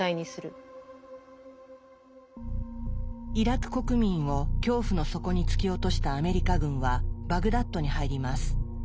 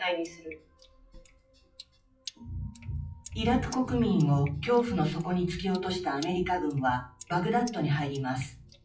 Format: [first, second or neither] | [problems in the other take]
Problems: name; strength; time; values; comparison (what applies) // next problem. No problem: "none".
first | noise reduction (classical method WPE with log-MMSE)